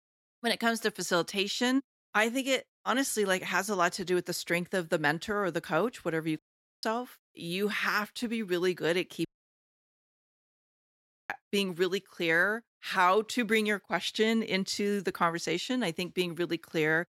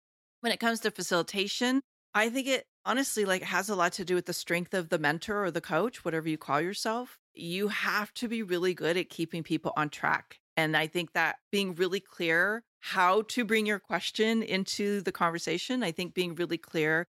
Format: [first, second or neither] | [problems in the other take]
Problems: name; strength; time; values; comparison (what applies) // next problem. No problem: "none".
second | audio cutting out; at 6.5 s and at 9.5 s for 2 s